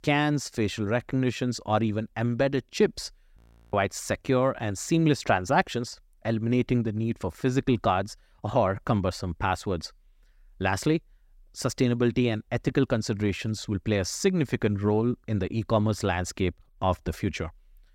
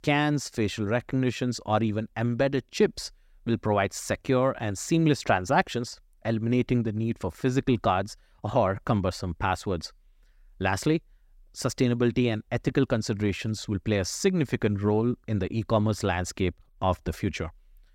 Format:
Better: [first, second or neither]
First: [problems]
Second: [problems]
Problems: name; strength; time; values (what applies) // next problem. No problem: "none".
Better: second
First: audio freezing; at 3.5 s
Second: none